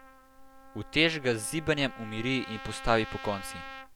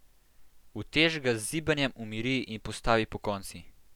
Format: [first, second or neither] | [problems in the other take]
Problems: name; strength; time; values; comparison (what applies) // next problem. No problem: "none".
second | background sound (Trumpet); 14 dB below the speech